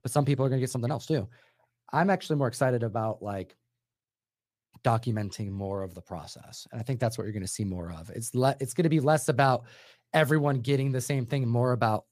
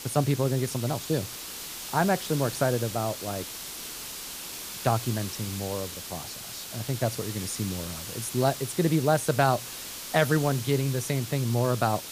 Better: first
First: none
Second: hiss; loud; throughout; 8 dB below the speech

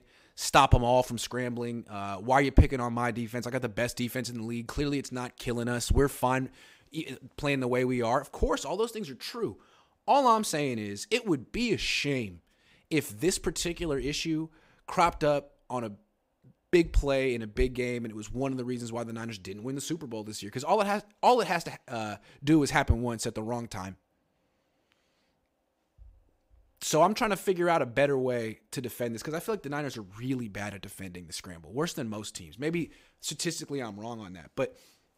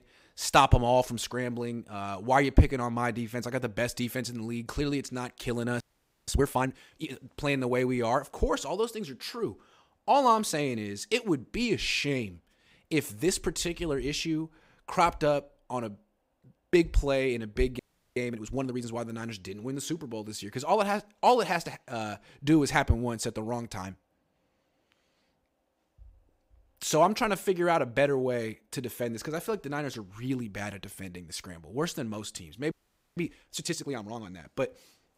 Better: first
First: none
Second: audio freezing; at 6 s, at 18 s and at 33 s

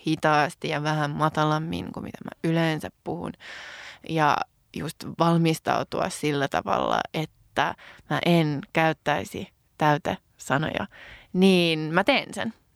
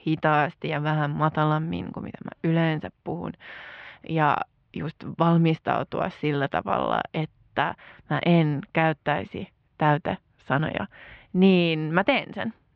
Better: first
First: none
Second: muffled; slightly; fading above 3 kHz

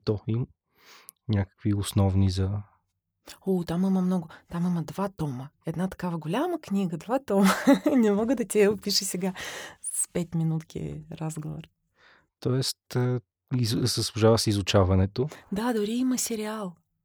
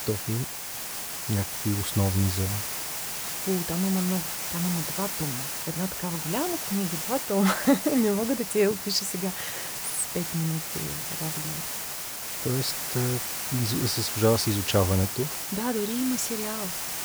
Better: first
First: none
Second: hiss; loud; throughout; 2 dB below the speech

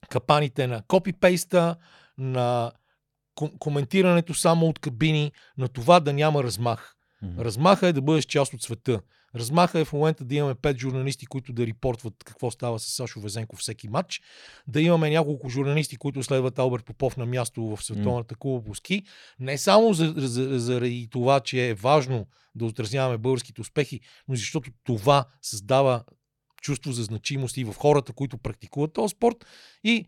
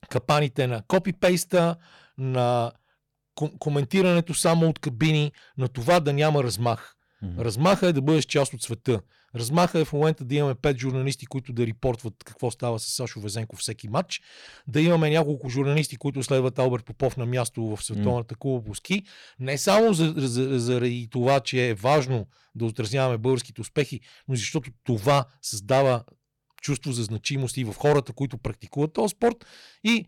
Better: first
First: none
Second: distortion; slight; 3% of the sound clipped

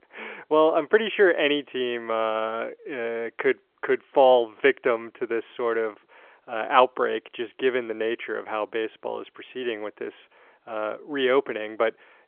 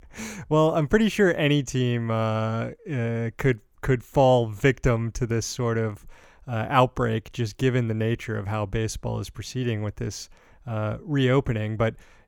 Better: second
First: phone-call audio; nothing above 3.5 kHz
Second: none

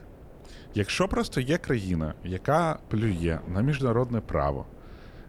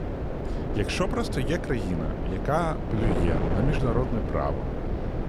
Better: first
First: wind noise on the microphone; occasional gusts; 20 dB below the speech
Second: wind noise on the microphone; heavy; 3 dB below the speech

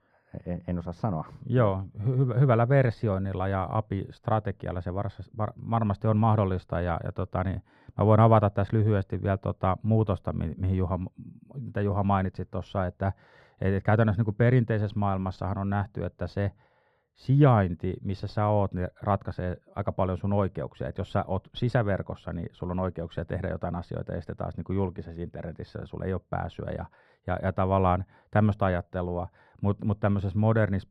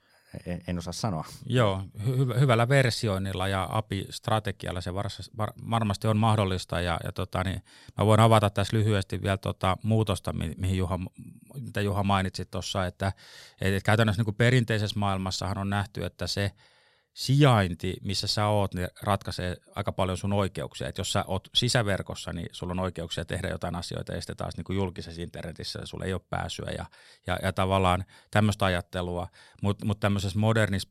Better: second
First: muffled; very; fading above 3 kHz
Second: none

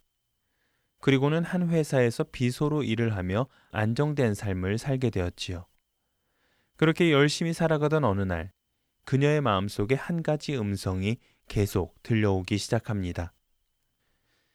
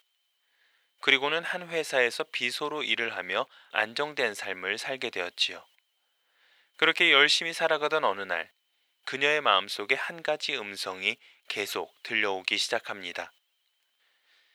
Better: first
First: none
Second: thin; very; fading below 650 Hz

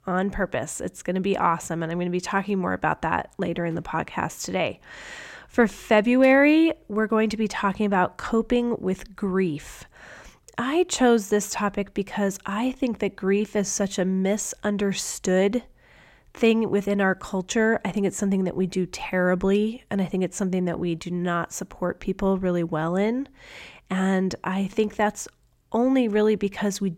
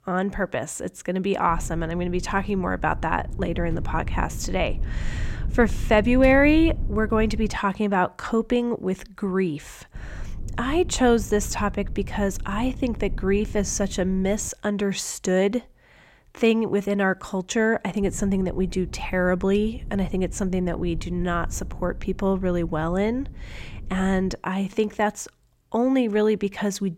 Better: first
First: none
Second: low rumble; faint; from 1.5 to 7.5 s, from 10 to 14 s and from 18 to 24 s; 25 dB below the speech

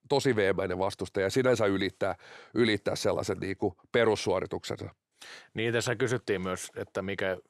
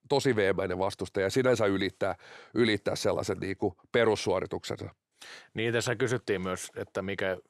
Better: neither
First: none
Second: none

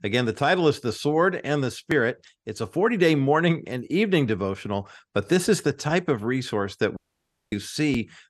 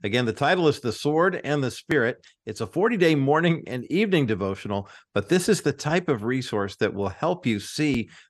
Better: second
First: audio cutting out; at 7 s for 0.5 s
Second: none

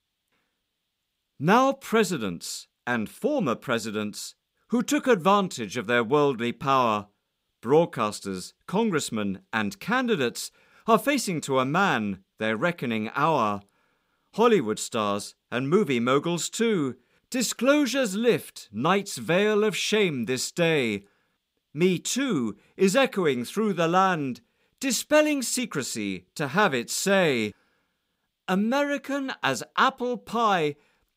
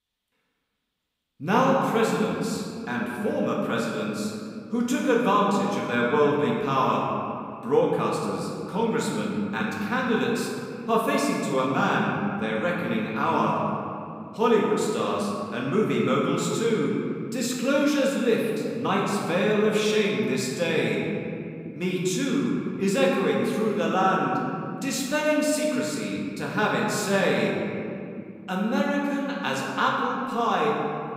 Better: first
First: none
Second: room echo; noticeable; dies away in 2.4 s // off-mic speech; far

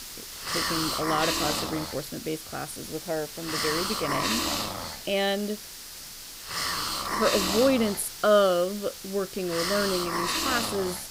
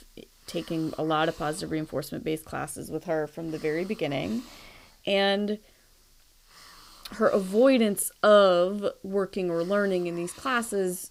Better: second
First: hiss; loud; throughout; 2 dB below the speech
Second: hiss; faint; throughout; 25 dB below the speech

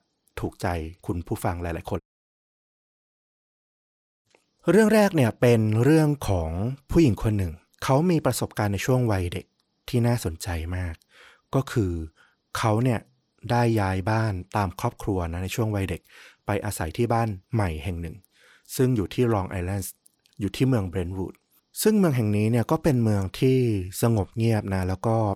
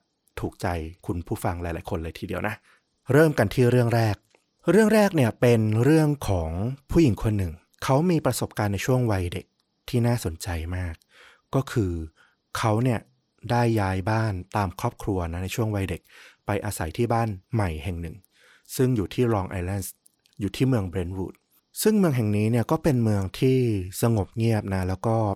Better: second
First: audio cutting out; at 2 s for 2.5 s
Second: none

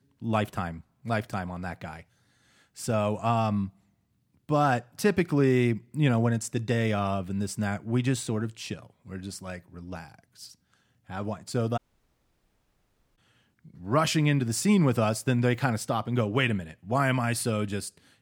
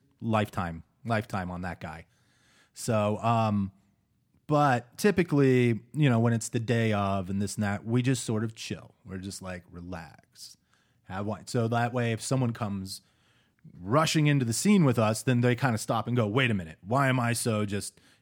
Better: second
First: audio cutting out; at 12 s for 1.5 s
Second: none

